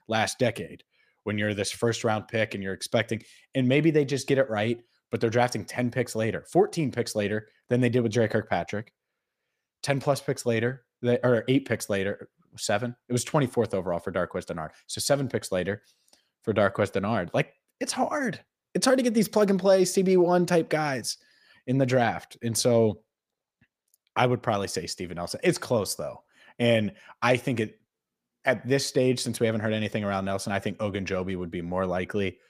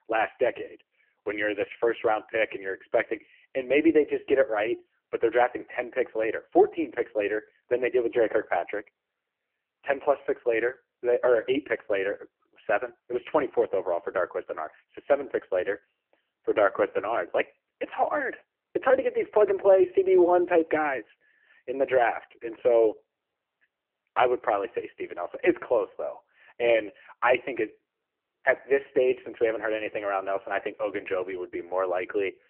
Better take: first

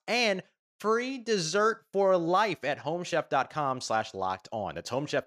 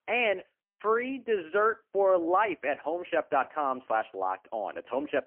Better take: first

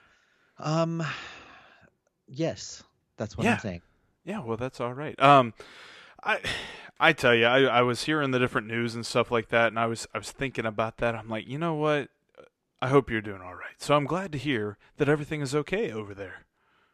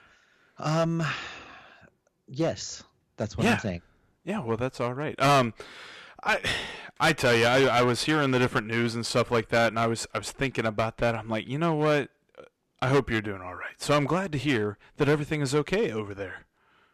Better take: first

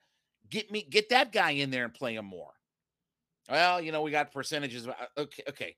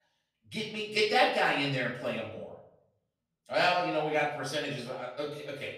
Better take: first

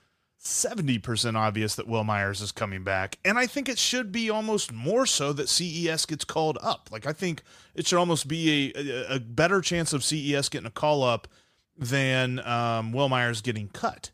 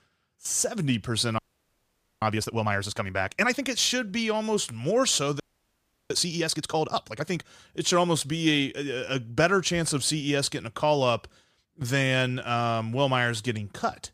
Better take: first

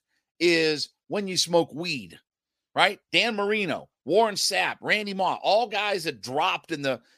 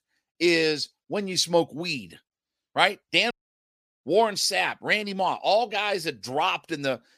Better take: first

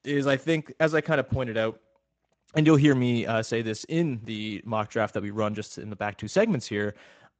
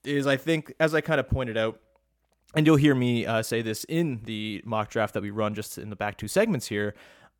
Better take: second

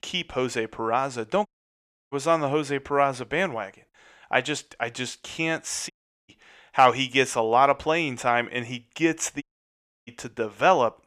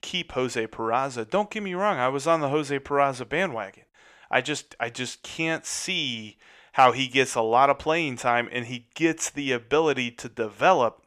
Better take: second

